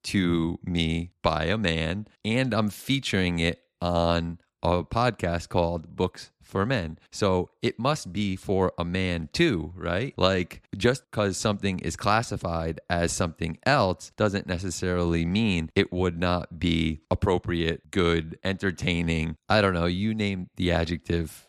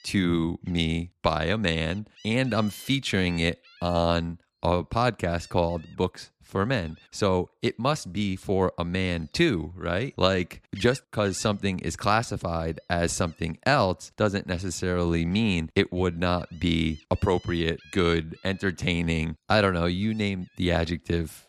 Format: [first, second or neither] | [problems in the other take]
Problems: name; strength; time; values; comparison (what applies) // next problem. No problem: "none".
first | animal sounds; faint; throughout; 25 dB below the speech